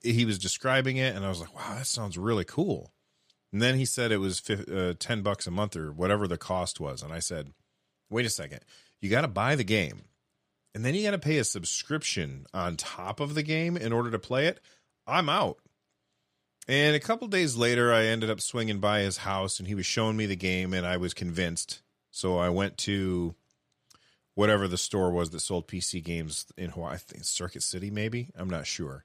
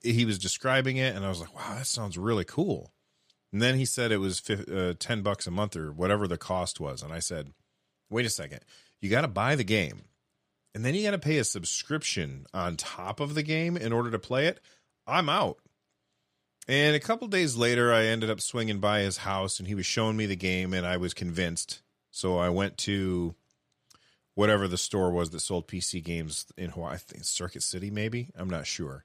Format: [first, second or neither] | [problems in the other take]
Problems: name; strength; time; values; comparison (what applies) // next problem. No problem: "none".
neither | none